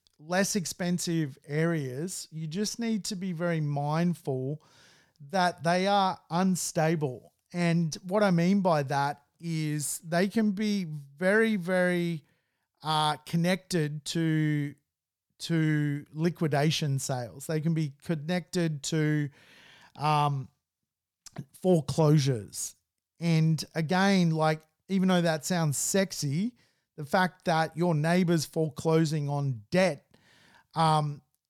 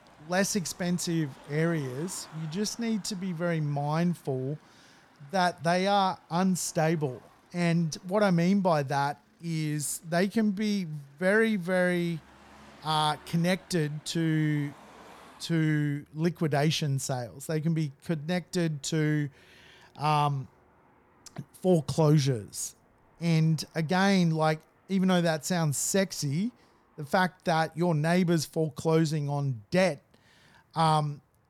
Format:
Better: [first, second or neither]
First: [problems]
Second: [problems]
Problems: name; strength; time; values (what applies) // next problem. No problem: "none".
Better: first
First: none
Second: traffic noise; faint; throughout; 30 dB below the speech